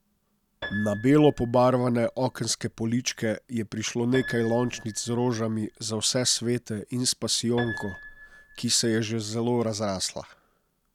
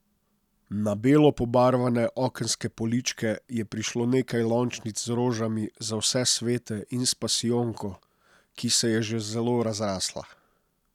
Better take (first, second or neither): second